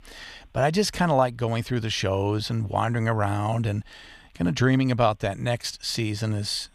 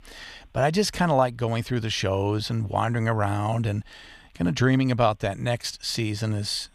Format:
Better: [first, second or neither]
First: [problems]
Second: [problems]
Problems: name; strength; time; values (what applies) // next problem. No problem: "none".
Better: neither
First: none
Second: none